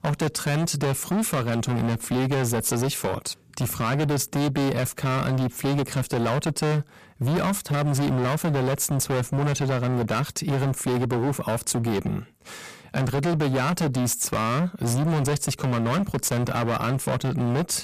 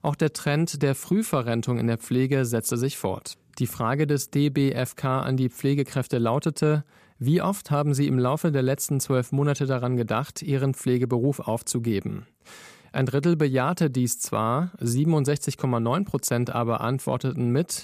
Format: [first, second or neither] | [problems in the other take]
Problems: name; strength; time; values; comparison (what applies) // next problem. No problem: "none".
second | distortion; heavy; 31% of the sound clipped